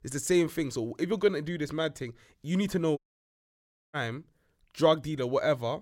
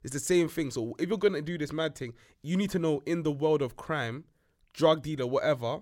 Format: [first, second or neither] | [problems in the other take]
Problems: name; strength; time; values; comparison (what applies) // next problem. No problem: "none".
second | audio cutting out; at 3 s for 1 s